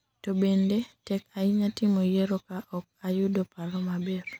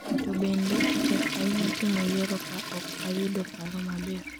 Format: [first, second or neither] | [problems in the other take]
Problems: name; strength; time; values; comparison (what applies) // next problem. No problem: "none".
first | background sound (Toilet flush / Water); 1 dB below the speech